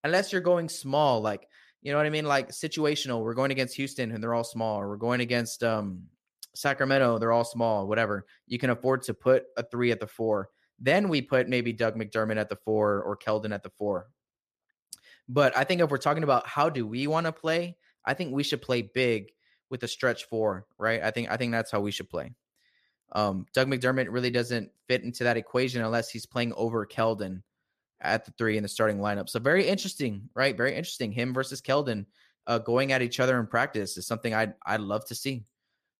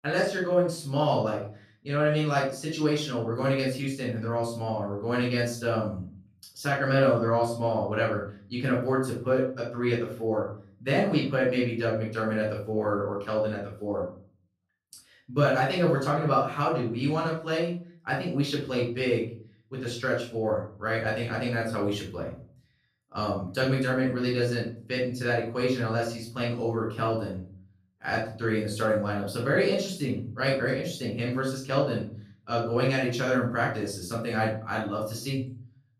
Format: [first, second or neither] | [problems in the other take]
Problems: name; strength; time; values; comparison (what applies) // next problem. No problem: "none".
first | off-mic speech; far // room echo; noticeable; dies away in 0.5 s